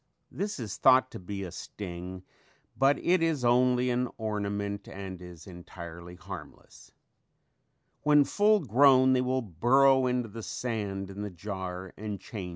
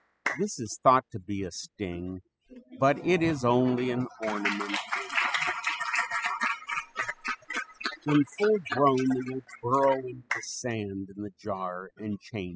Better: first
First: none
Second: noise reduction (classical method spectral subtraction)

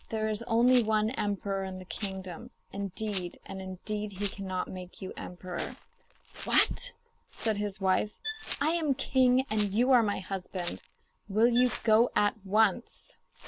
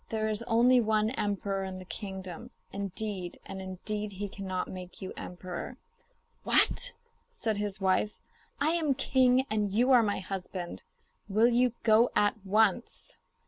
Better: second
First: background sound (Bowed string instrument + Rattle); 17 dB below the speech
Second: none

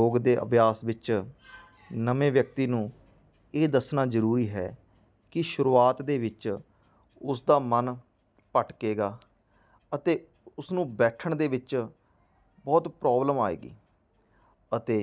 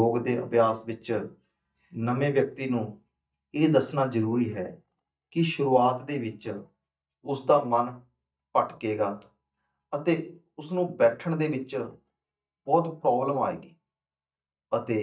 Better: first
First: none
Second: noise reduction (neural mask model DeepFilterNet 3)

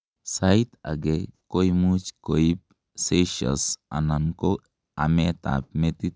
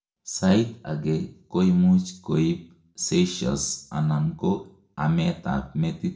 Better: first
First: none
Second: room echo; dies away in 0.4 s

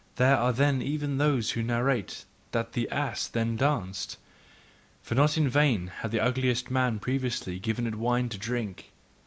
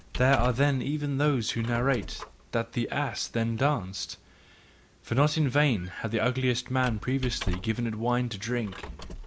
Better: first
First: none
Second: background sound (Squeak); 12 dB below the speech

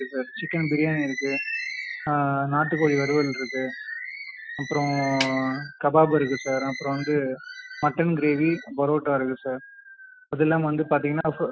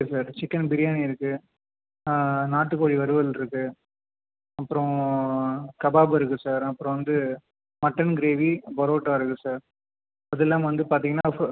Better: second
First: noise reduction (classical method Wiener filter)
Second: none

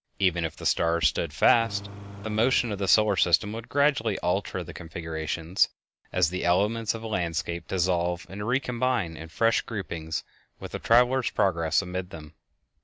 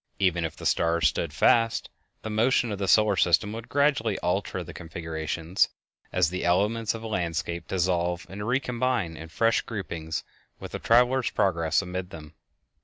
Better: second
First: background sound (Engine); 15 dB below the speech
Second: none

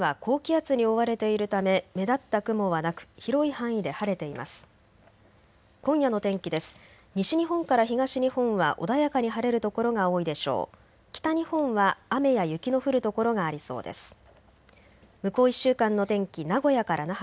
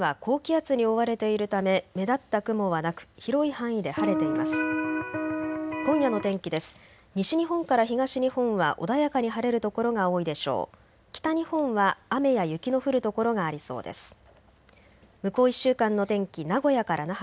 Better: first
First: none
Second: background sound (Electric guitar); 1 dB below the speech

